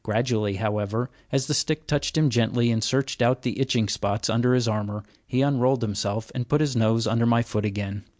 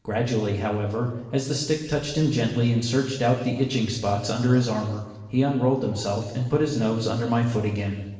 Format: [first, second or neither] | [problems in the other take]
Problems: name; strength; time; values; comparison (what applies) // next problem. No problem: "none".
first | room echo; dies away in 1.2 s